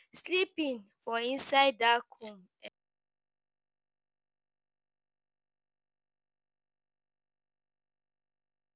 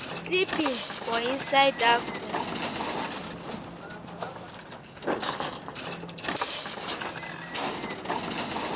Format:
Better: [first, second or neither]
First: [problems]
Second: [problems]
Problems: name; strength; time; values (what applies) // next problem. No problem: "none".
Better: first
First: none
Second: background sound (Walk, footsteps); 1 dB below the speech